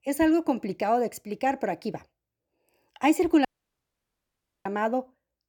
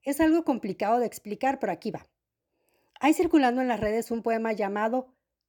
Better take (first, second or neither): second